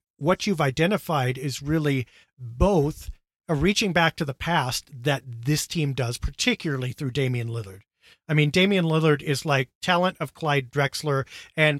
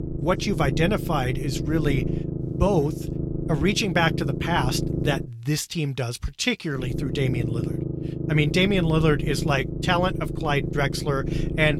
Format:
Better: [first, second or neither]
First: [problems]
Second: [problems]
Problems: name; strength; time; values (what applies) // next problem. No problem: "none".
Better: first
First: none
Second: low rumble; loud; until 5 s and from 7 s on; 9 dB below the speech